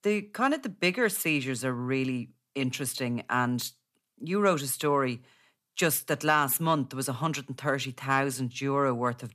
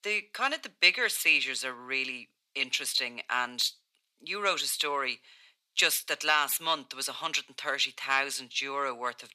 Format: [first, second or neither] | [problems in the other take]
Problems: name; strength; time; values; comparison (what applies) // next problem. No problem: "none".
first | thin; very; fading below 500 Hz